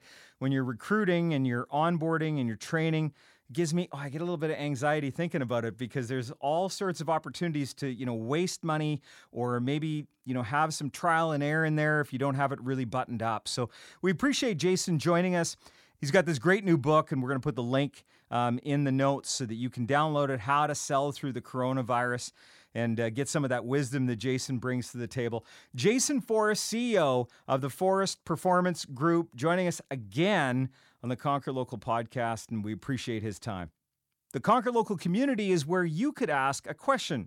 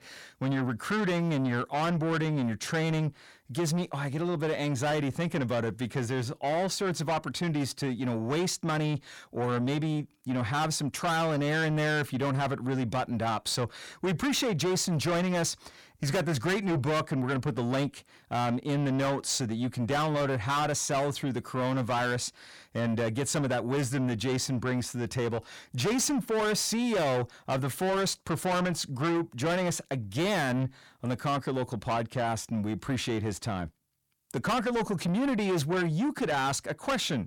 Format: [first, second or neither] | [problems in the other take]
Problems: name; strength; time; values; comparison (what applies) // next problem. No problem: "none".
first | distortion; heavy; 7 dB below the speech